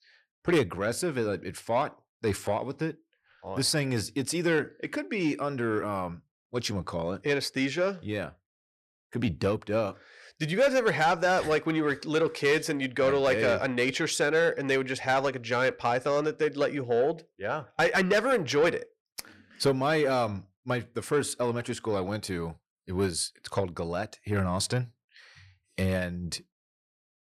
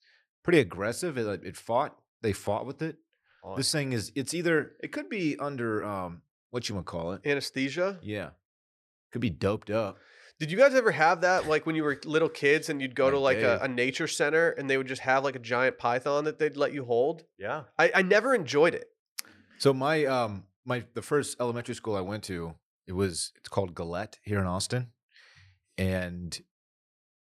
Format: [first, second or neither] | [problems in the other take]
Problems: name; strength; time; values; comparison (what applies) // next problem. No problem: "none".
second | distortion; slight; 10 dB below the speech